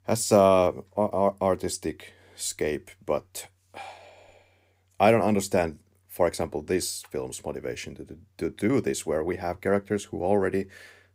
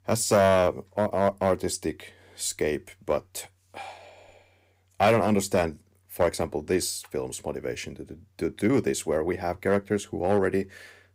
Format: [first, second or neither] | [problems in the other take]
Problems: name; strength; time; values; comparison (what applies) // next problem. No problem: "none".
first | distortion; slight; 1.7% of the sound clipped